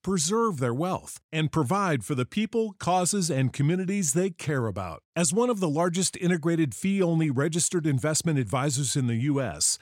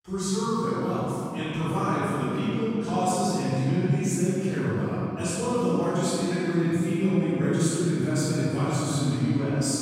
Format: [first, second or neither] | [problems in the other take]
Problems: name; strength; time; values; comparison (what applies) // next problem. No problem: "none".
first | off-mic speech; far // room echo; strong; dies away in 3 s